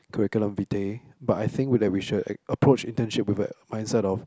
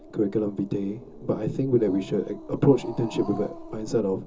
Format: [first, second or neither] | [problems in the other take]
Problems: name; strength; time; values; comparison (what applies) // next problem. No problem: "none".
first | background sound (Growling); 15 dB below the speech // room echo; dies away in 0.2 s